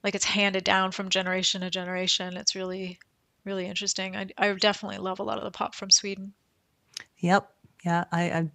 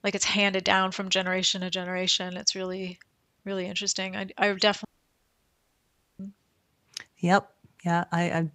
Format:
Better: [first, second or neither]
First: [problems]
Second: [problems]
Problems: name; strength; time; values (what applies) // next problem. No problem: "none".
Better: first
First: none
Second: audio cutting out; at 5 s for 1.5 s